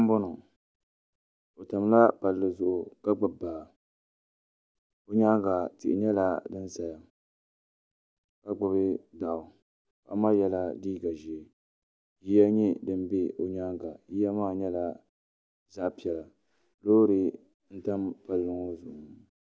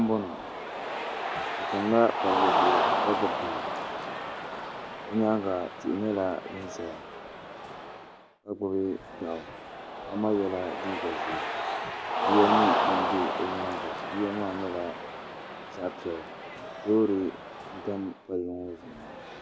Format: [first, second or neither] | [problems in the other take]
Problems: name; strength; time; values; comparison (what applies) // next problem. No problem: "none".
first | background sound (Cheering); as loud as the speech